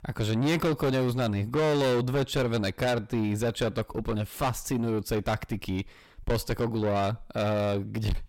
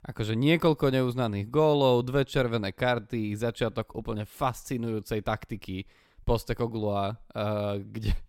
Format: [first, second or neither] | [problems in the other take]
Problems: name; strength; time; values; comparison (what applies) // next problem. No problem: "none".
second | distortion; heavy; 6 dB below the speech